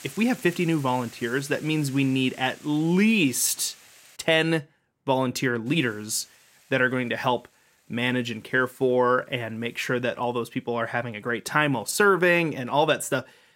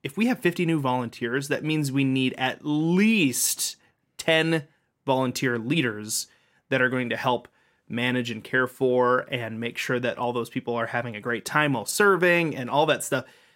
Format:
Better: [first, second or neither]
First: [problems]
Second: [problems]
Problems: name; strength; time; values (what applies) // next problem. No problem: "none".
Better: second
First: hiss; faint; until 4 s and from 5.5 s on; 25 dB below the speech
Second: none